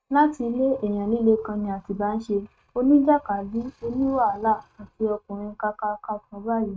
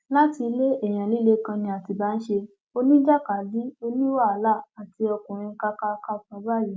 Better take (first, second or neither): second